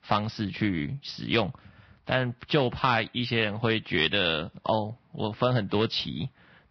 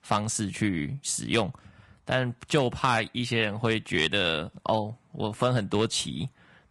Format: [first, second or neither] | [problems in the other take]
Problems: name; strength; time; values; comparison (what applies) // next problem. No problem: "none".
second | garbled, watery; badly; nothing above 5.5 kHz; slightly in the second